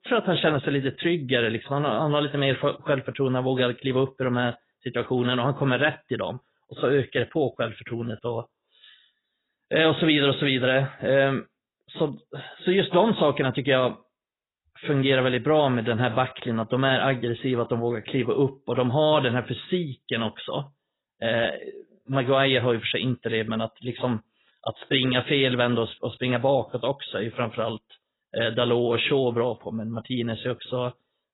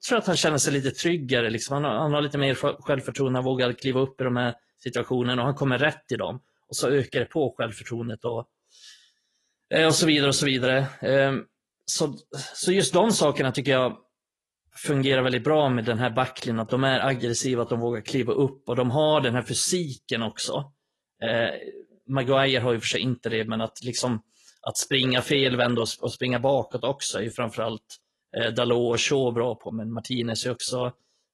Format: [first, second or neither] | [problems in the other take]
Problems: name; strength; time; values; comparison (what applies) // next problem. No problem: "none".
second | garbled, watery; badly; nothing above 4 kHz; slightly in the second